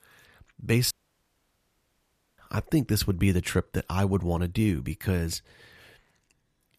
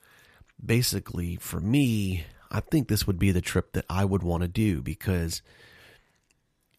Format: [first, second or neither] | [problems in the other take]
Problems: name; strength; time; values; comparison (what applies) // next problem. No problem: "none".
second | audio cutting out; at 1 s for 1.5 s